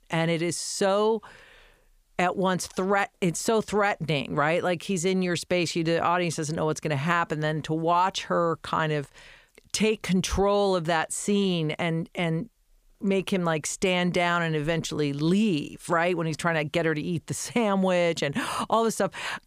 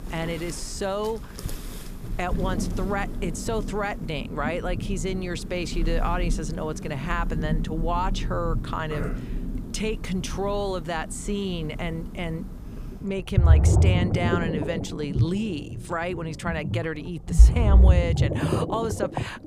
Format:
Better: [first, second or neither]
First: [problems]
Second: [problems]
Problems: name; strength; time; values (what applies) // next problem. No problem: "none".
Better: first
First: none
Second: rain or running water; very loud; throughout; 4 dB above the speech